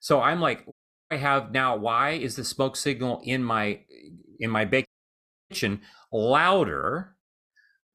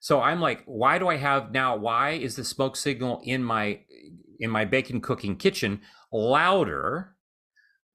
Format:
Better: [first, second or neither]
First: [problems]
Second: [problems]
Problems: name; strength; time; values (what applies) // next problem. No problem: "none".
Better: second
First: audio cutting out; at 0.5 s and at 5 s for 0.5 s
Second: none